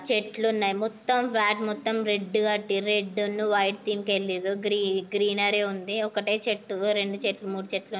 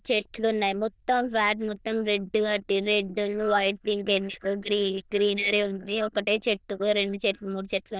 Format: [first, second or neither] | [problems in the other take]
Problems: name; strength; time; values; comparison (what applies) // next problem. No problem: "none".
first | noise reduction (neural diffusion model UNIVERSE++)